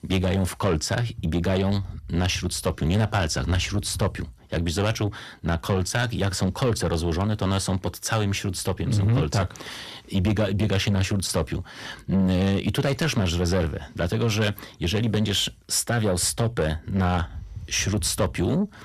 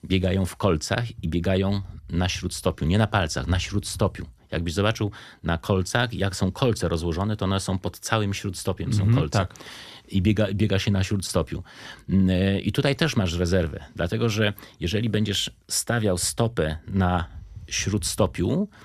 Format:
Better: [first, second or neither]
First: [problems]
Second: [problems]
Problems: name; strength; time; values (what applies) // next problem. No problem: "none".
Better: second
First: distortion; slight; 10 dB below the speech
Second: none